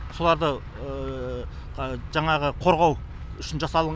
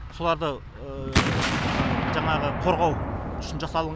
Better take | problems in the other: first | background sound (Explosion); as loud as the speech

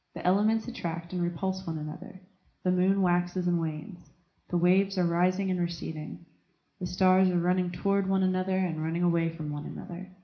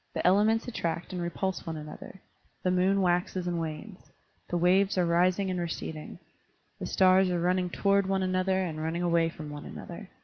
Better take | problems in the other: second | room echo; dies away in 0.4 s

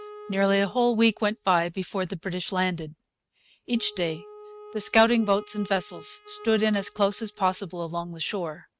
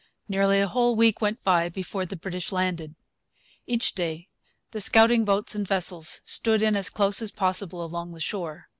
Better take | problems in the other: second | noise reduction (neural mask model RNNoise)

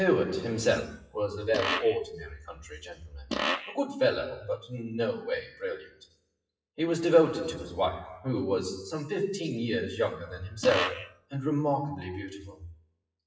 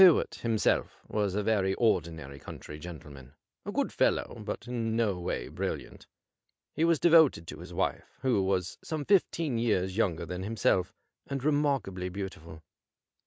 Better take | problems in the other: second | noise reduction (classical method WPE with log-MMSE)

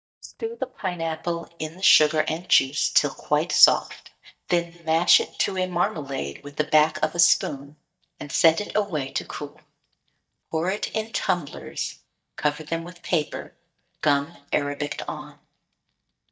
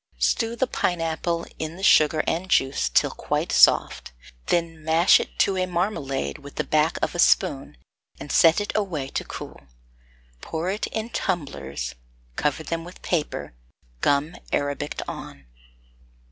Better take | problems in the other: second | noise reduction (neural mask model DeepFilterNet 3)

